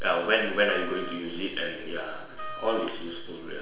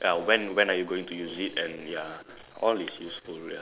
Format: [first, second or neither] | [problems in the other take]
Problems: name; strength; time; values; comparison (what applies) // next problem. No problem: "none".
second | background sound (Wind instrument, woodwind instrument); 14 dB below the speech // room echo; dies away in 0.7 s